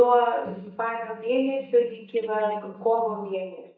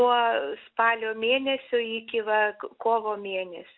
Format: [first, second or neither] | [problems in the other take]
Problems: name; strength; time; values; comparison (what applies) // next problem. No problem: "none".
second | noise reduction (neural mask model DeepFilterNet 3)